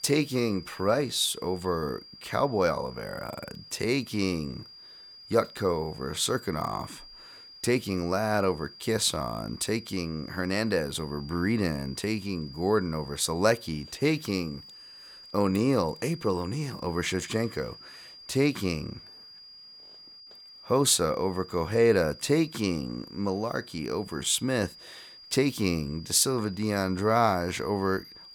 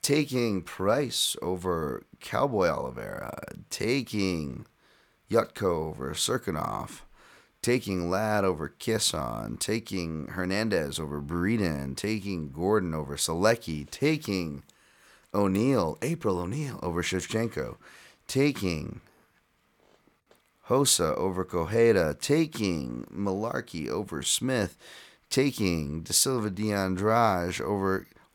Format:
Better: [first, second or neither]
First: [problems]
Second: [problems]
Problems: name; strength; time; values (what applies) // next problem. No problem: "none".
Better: second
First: high-pitched whine; noticeable; throughout; 5 kHz, 20 dB below the speech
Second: none